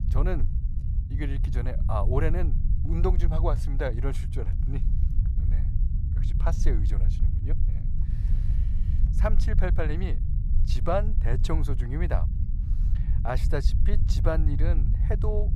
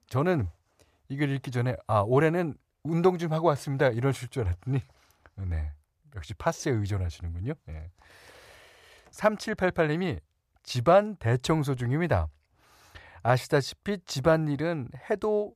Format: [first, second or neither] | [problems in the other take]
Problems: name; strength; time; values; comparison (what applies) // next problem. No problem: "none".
second | low rumble; noticeable; throughout; 10 dB below the speech